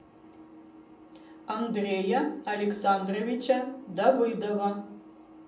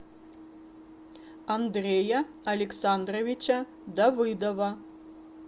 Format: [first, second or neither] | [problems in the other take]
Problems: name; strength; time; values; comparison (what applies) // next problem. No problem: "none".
second | room echo; dies away in 0.6 s